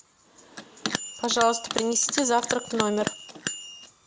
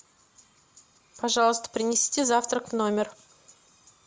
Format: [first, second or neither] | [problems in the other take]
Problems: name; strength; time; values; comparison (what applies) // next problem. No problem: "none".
second | background sound (Bell); 6 dB below the speech